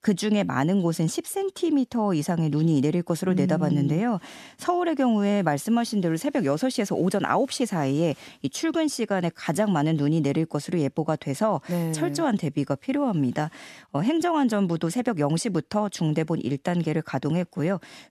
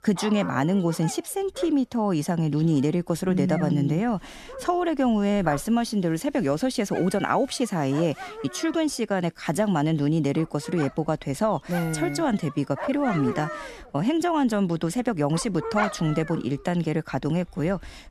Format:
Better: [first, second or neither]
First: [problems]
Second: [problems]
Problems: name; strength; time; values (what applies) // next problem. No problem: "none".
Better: first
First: none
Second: animal sounds; noticeable; throughout; 10 dB below the speech